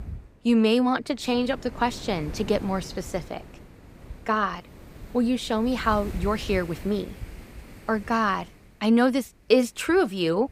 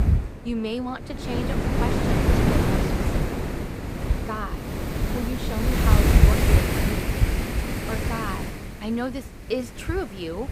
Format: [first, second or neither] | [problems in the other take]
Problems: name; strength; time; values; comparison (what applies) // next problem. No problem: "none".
first | wind noise on the microphone; heavy; 4 dB above the speech; occasional gusts in the first